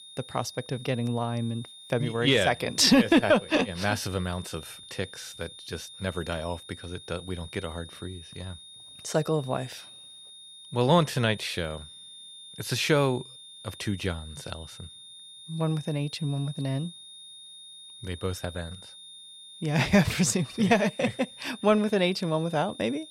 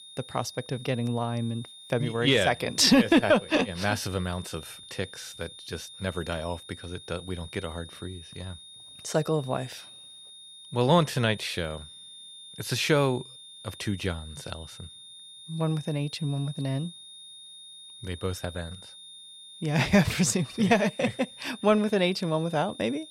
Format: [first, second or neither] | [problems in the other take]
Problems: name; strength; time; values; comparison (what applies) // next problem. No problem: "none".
neither | high-pitched whine; noticeable; throughout; 3.5 kHz, 15 dB below the speech; the same in both